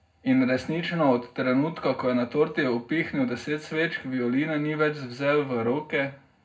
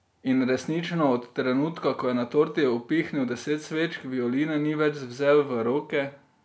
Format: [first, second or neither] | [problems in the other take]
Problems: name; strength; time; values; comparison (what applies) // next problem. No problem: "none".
second | room echo; dies away in 0.3 s